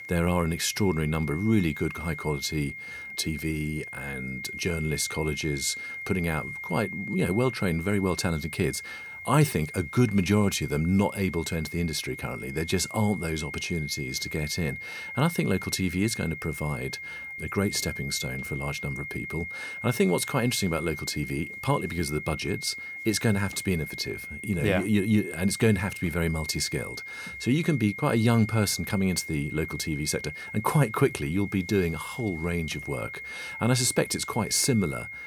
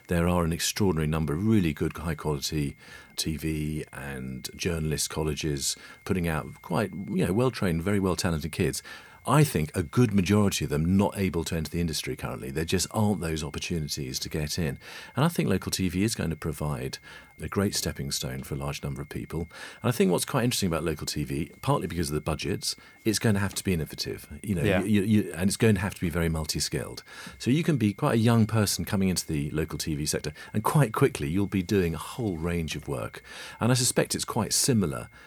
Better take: second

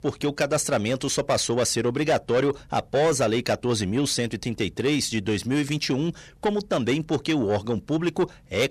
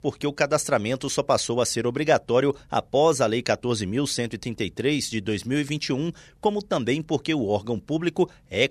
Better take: second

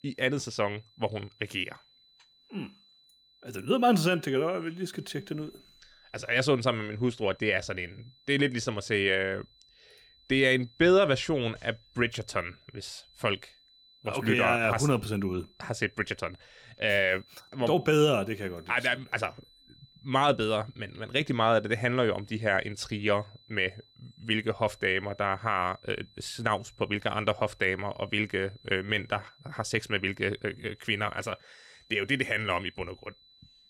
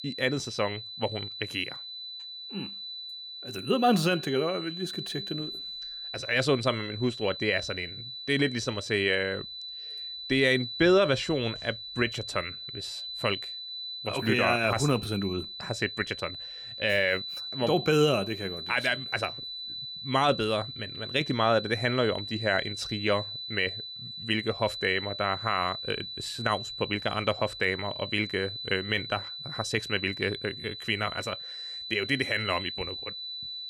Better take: first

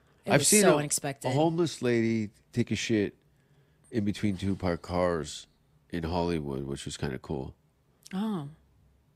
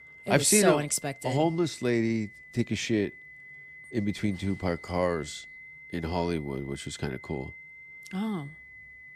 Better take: first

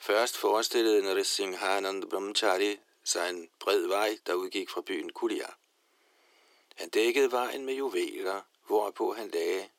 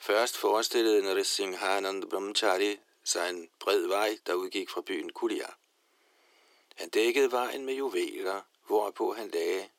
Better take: neither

